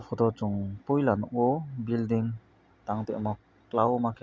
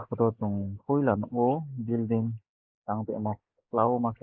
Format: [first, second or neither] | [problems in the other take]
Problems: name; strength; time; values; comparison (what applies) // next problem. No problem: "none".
first | noise reduction (neural mask model Resemble Enhance denoiser)